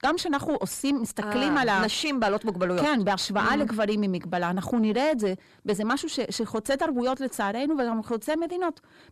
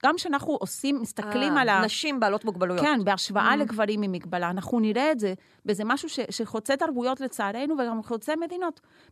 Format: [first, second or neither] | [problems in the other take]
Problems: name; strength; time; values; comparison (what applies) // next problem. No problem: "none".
second | distortion; slight; 10 dB below the speech